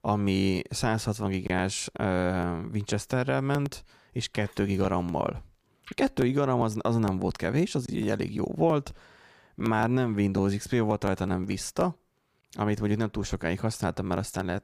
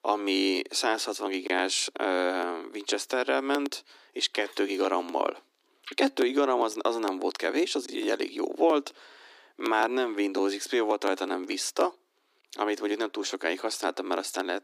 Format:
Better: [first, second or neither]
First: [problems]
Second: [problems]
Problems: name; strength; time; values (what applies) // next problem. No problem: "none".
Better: first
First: none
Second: thin; somewhat; fading below 300 Hz